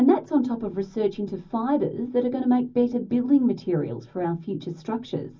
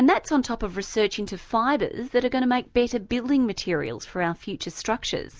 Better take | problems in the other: second | room echo; dies away in 0.4 s

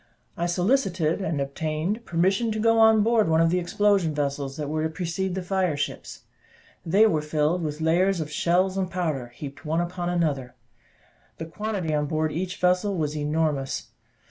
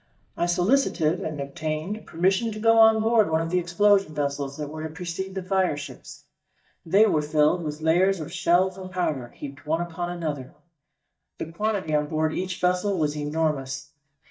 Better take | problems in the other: first | noise reduction (neural mask model DeepFilterNet 3)

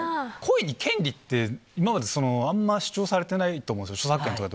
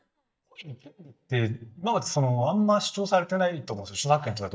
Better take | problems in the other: first | noise reduction (neural mask model DeepFilterNet 3)

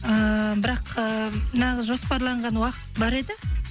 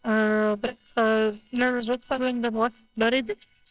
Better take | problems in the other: first | noise reduction (neural separator model SepFormer WHAMR!)

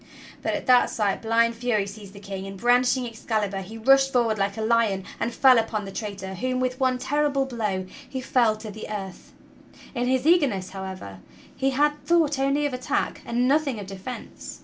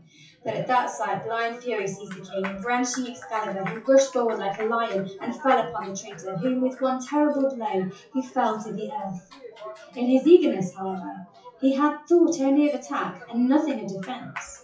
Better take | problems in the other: first | noise reduction (classical method WPE with log-MMSE)

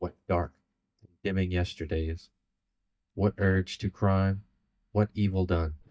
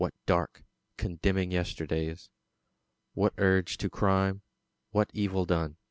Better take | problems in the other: second | noise reduction (neural mask model DeepFilterNet 3)

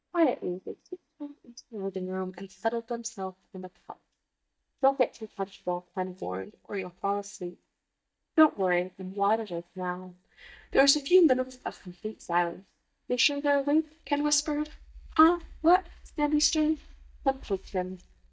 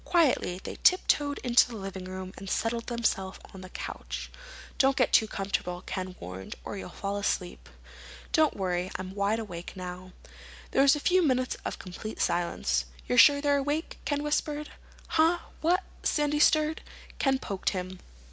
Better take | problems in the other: second | noise reduction (neural mask model DeepFilterNet 3)

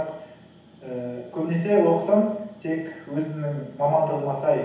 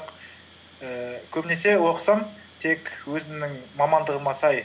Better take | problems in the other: second | room echo; dies away in 1 s

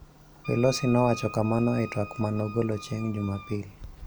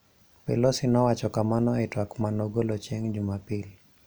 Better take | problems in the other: second | background sound (Wind instrument, woodwind instrument + Clock); 15 dB below the speech

